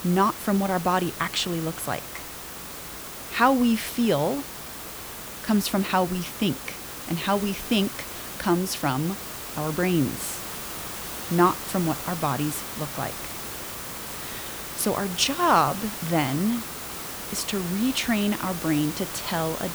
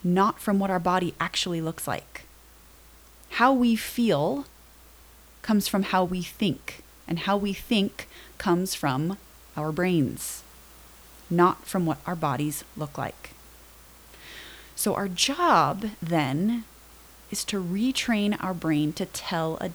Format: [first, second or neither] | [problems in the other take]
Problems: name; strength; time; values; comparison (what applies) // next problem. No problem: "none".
second | hiss; loud; throughout; 8 dB below the speech; faint in the second